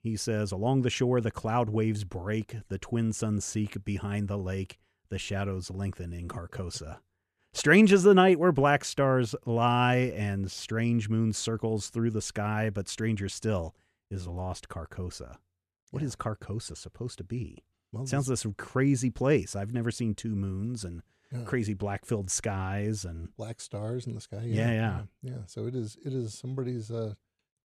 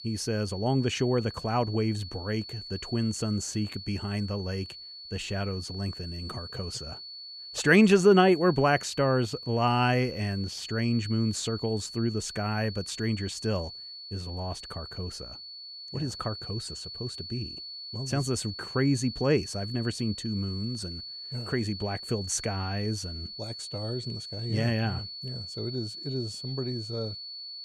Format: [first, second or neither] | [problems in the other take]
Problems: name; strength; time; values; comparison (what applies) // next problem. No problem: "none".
first | high-pitched whine; noticeable; throughout; 4.5 kHz, 10 dB below the speech